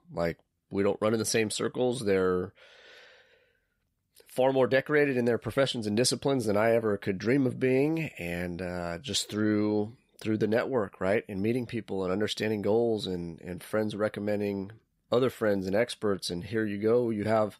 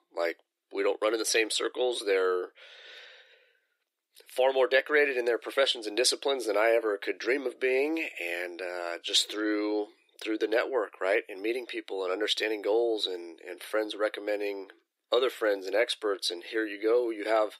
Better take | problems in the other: first | thin; very; fading below 300 Hz

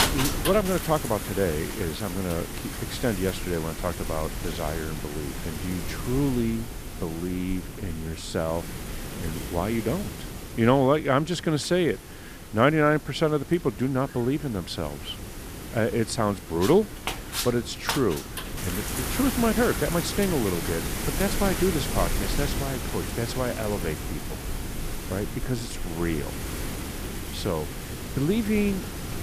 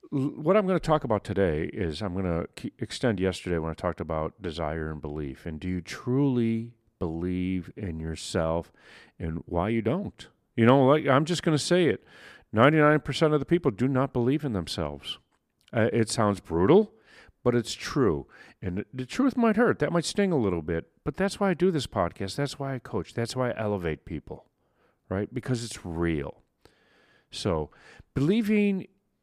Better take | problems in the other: second | wind noise on the microphone; heavy; 7 dB below the speech

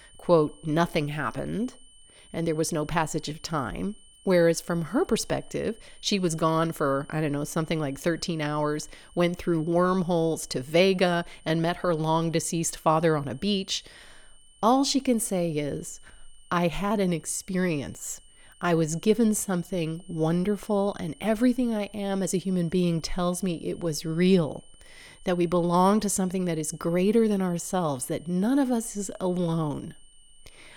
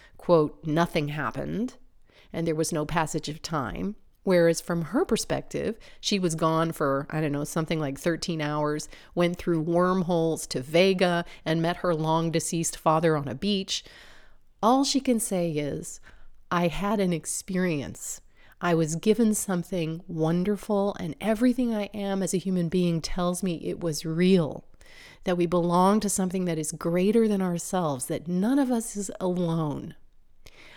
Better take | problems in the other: second | high-pitched whine; faint; throughout; 3 kHz, 30 dB below the speech

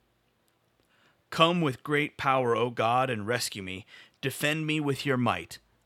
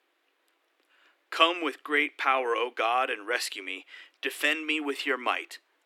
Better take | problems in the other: first | thin; somewhat; fading below 300 Hz

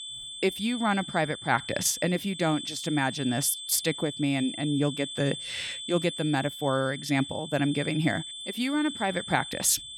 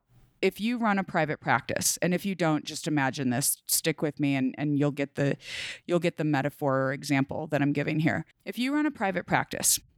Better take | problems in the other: second | high-pitched whine; loud; throughout; 3.5 kHz, 9 dB below the speech

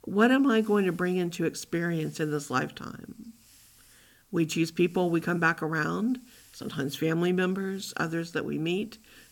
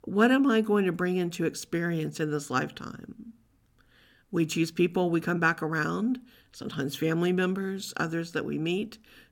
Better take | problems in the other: second | hiss; faint; throughout; 30 dB below the speech

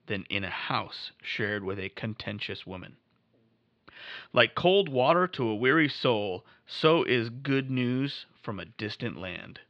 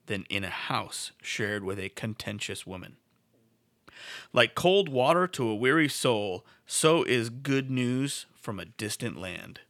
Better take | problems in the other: second | muffled; very slightly; fading above 4 kHz

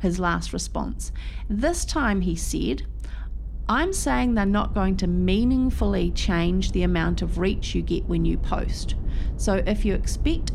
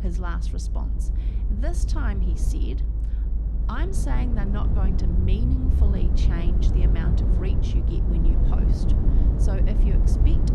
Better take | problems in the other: first | low rumble; loud; throughout; 1 dB below the speech; faint in the first

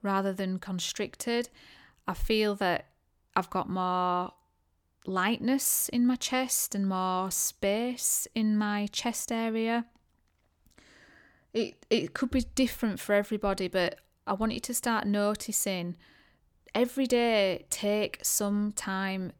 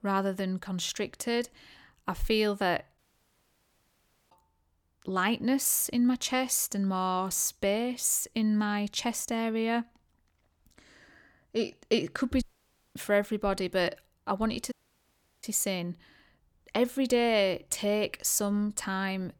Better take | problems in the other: first | audio cutting out; at 3 s for 1.5 s, at 12 s for 0.5 s and at 15 s for 0.5 s

